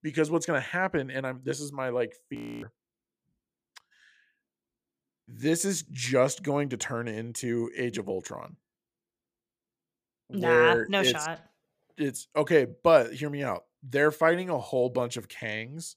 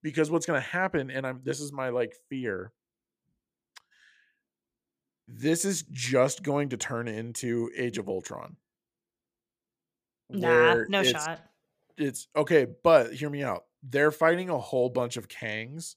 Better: second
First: audio freezing; at 2.5 s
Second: none

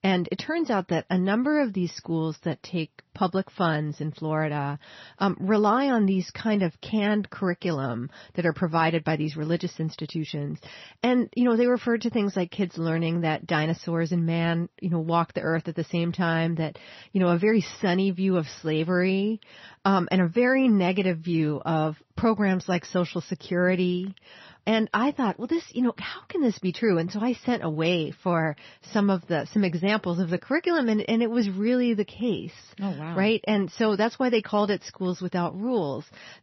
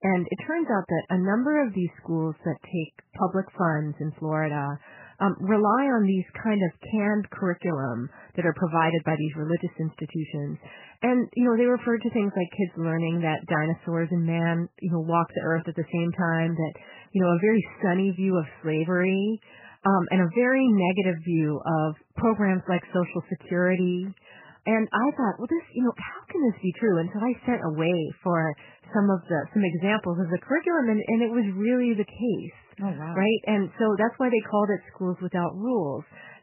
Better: first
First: garbled, watery; slightly; nothing above 6 kHz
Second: garbled, watery; badly; nothing above 3 kHz

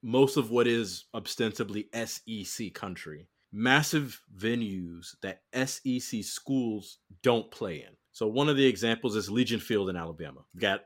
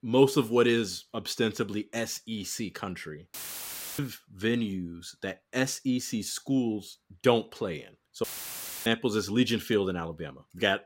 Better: first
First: none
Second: audio cutting out; filled with static; at 3.5 s for 0.5 s and at 8 s for 0.5 s

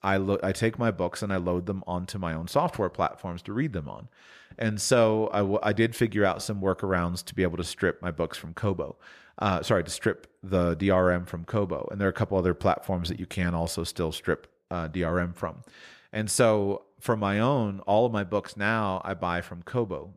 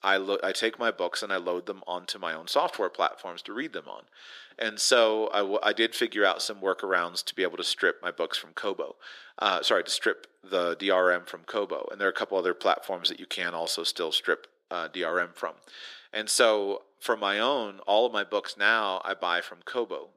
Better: first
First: none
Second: thin; somewhat; fading below 300 Hz

